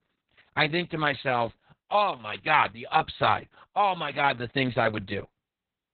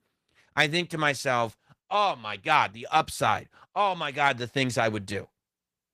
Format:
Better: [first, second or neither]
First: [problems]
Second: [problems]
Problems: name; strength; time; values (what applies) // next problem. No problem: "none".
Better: second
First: garbled, watery; badly; nothing above 4 kHz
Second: garbled, watery; slightly